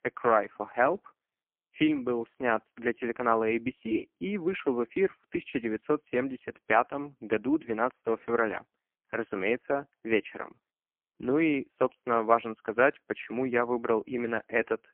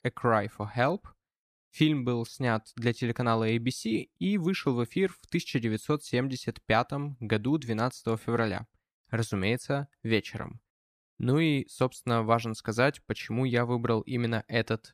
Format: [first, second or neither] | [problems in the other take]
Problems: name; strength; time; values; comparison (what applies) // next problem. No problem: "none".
second | phone-call audio; poor line